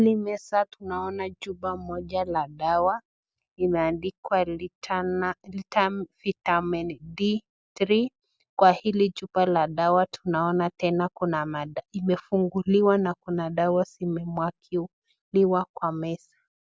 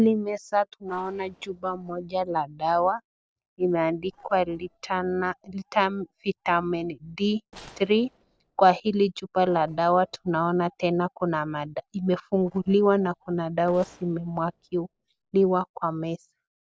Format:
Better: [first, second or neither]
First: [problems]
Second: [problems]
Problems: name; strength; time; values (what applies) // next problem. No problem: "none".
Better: first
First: none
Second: noise reduction (neural separator model SepFormer DNS4)